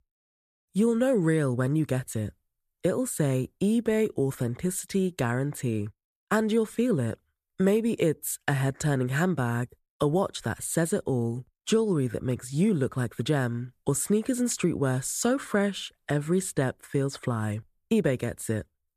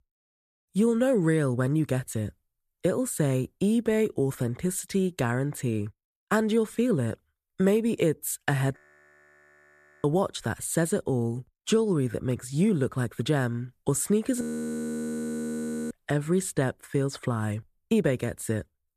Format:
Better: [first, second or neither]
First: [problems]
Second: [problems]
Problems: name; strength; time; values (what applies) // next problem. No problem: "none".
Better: first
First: none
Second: audio freezing; at 9 s for 1.5 s and at 14 s for 1.5 s